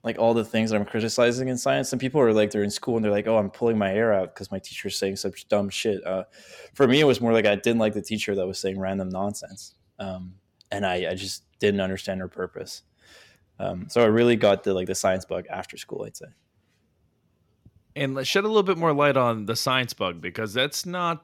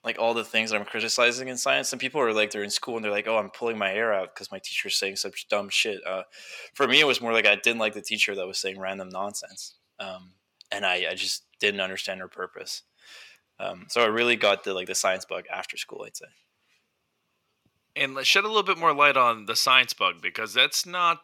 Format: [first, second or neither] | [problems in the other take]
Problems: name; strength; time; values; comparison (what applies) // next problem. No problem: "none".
first | thin; somewhat; fading below 950 Hz